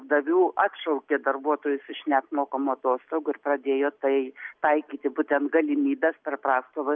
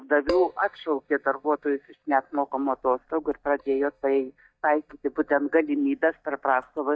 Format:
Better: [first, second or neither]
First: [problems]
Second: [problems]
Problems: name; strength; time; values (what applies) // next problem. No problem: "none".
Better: first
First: none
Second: noise reduction (neural mask model DeepFilterNet 3)